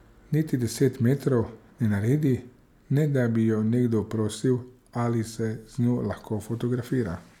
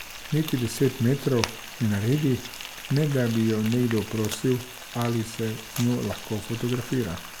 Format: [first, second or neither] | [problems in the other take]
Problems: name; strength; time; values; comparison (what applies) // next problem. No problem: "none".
first | background sound (Frying (food)); 12 dB below the speech